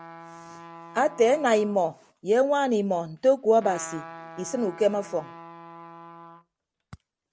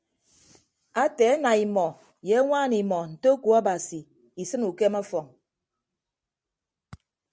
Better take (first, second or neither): second